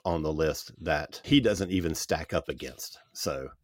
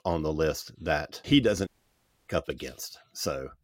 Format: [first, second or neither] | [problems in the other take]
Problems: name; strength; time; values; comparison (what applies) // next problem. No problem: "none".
first | audio cutting out; at 1.5 s for 0.5 s